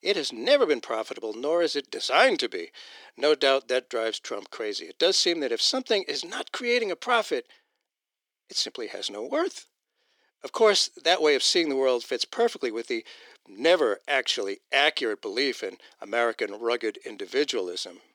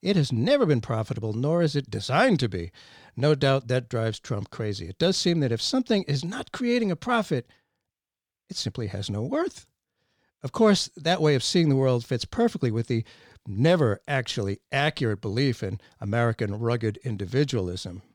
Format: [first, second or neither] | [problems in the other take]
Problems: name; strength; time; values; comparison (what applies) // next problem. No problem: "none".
second | thin; very; fading below 350 Hz